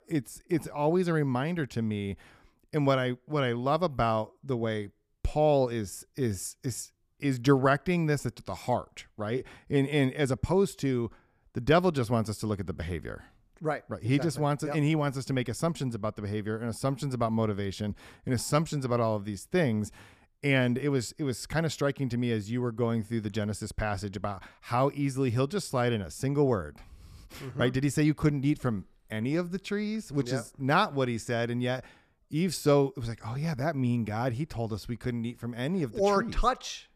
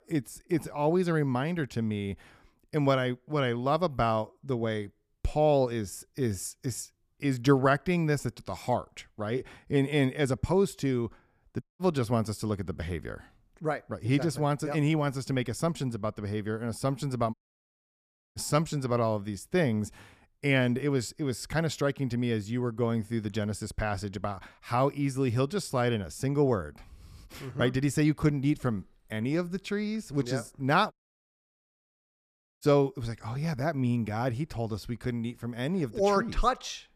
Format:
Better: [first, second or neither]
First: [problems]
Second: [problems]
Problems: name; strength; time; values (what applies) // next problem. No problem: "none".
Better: first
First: none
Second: audio cutting out; at 12 s, at 17 s for 1 s and at 31 s for 1.5 s